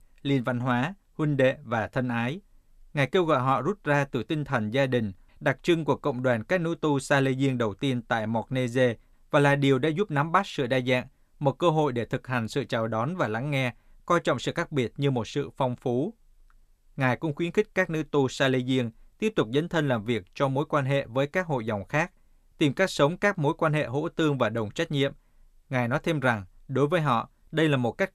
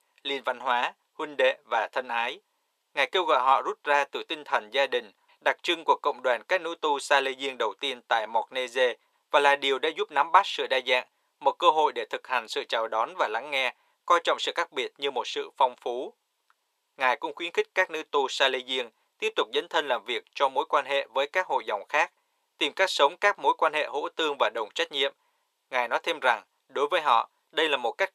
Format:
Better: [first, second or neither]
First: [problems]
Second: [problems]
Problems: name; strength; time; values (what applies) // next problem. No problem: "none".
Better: first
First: none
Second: thin; very; fading below 450 Hz